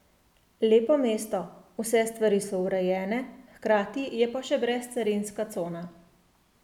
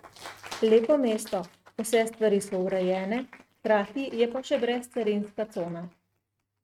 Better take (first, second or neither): first